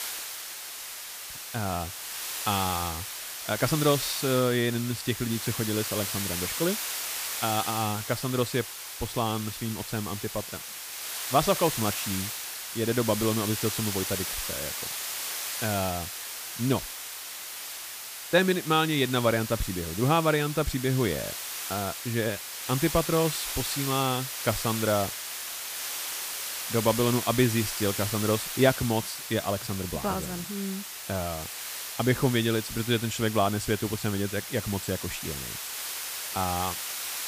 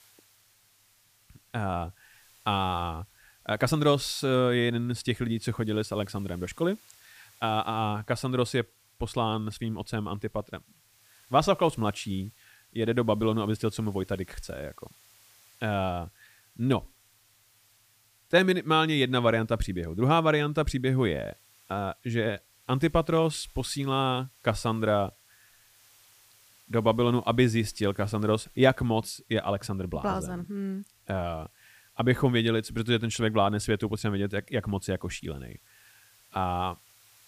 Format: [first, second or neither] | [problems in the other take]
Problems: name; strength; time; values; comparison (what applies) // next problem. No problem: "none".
second | hiss; loud; throughout; 4 dB below the speech; faint in the second